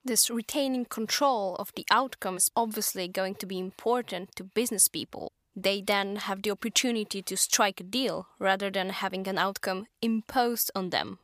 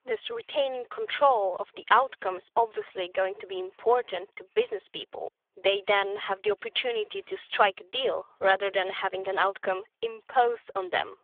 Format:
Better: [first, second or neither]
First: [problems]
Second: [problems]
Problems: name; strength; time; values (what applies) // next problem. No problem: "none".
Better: first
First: none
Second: phone-call audio; poor line; nothing above 3.5 kHz